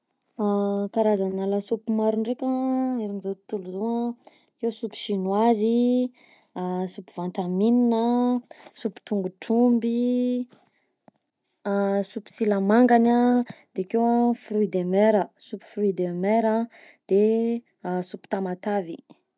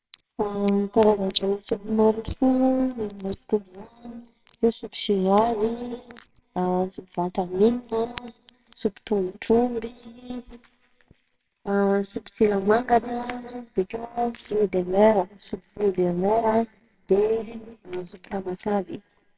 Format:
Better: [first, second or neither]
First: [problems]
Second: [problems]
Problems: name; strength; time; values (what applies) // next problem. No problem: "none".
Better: first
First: none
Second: noise reduction (neural separator model SepFormer WHAMR!)